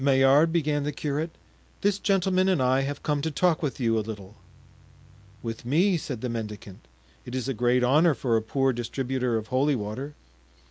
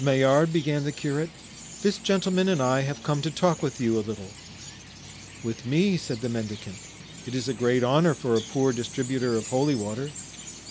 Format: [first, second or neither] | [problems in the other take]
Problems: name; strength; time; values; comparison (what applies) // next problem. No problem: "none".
first | background sound (Chirp, tweet); 16 dB below the speech